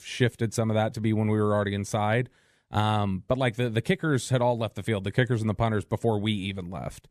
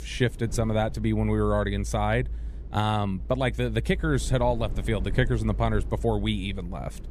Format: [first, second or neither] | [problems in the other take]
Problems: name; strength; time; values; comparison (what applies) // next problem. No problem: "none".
first | low rumble; faint; throughout; 20 dB below the speech